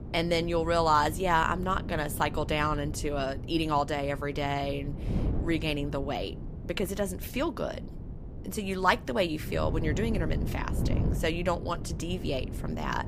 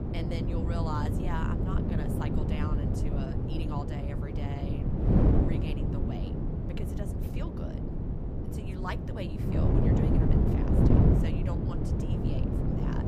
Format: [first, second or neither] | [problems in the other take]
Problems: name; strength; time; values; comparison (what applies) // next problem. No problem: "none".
first | wind noise on the microphone; heavy; 5 dB above the speech; occasional gusts in the first